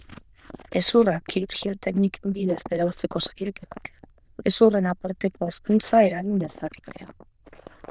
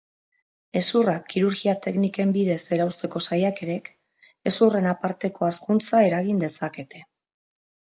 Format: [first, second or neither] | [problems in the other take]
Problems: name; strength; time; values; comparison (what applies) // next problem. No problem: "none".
second | noise reduction (neural diffusion model UNIVERSE++)